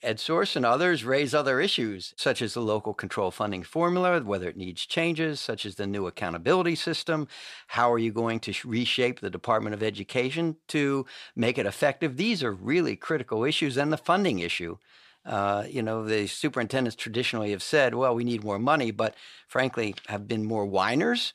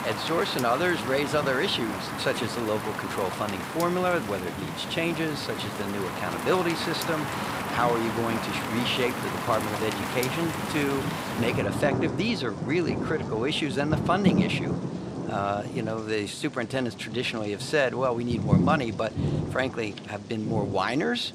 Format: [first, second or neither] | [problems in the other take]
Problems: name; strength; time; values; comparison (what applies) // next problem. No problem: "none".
first | rain or running water; loud; throughout; 3 dB below the speech